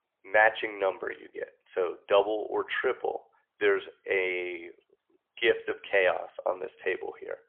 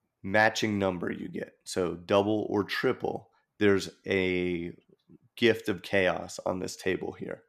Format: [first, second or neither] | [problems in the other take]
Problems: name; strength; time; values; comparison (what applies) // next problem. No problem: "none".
second | phone-call audio; poor line; nothing above 3.5 kHz